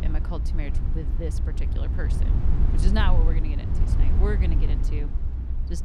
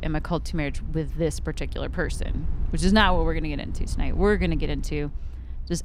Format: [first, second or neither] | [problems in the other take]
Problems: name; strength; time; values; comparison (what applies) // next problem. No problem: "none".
second | low rumble; loud; throughout; 5 dB below the speech; faint in the second